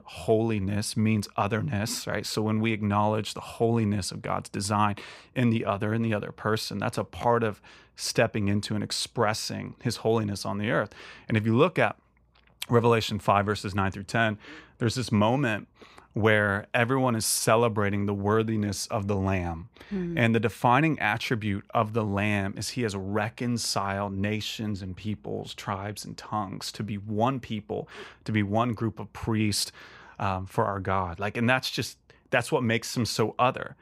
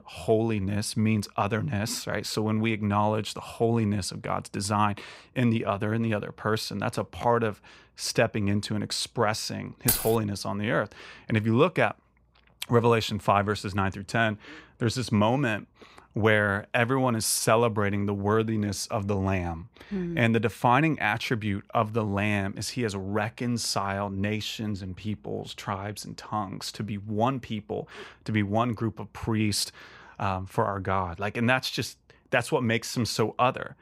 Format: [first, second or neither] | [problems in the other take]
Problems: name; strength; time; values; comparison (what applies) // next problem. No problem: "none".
first | jangling keys; loud; at 10 s; peak 1 dB above the speech